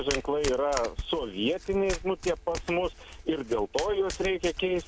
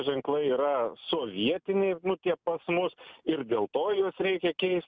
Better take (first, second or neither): second